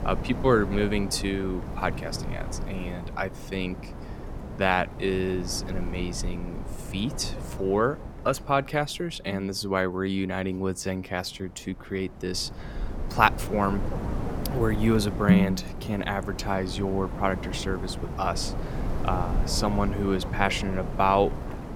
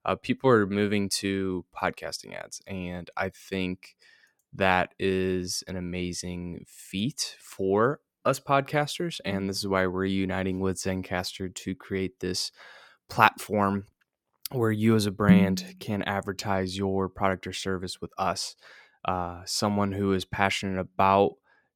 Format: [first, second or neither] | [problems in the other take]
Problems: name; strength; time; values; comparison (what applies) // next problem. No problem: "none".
second | wind noise on the microphone; occasional gusts; 10 dB below the speech